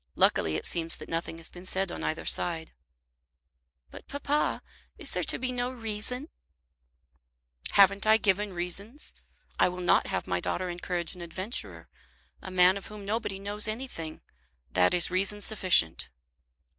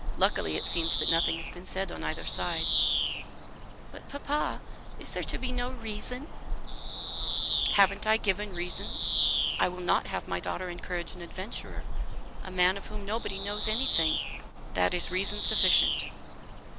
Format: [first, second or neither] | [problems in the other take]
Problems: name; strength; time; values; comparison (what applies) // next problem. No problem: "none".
first | background sound (Bird vocalization, bird call, bird song); 1 dB above the speech